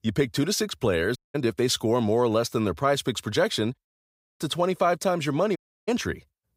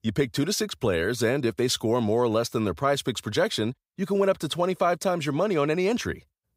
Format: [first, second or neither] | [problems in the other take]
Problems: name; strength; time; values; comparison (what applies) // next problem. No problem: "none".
second | audio cutting out; at 1 s, at 4 s for 0.5 s and at 5.5 s